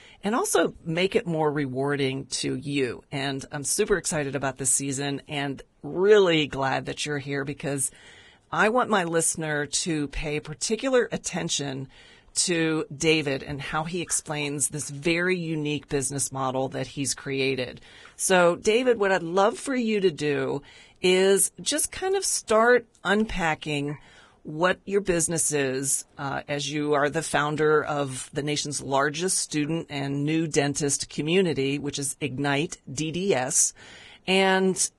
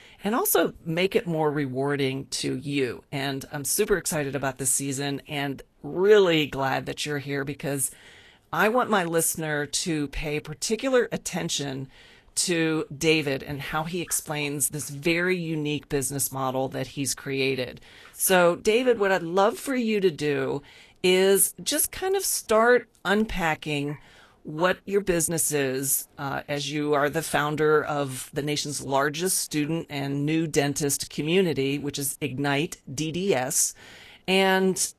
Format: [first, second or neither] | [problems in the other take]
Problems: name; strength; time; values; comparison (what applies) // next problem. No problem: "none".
second | garbled, watery; badly; nothing above 10.5 kHz; slightly in the second